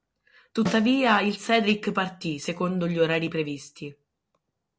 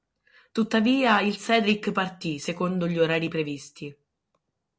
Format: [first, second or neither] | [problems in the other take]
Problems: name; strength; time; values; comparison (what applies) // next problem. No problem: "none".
second | background sound (Snare drum); 13 dB below the speech